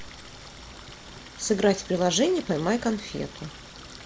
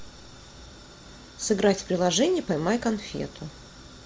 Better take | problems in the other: second | background sound (Stream); 19 dB below the speech

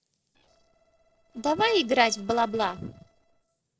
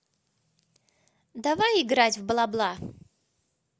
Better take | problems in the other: second | noise reduction (neural separator model SepFormer DNS4)

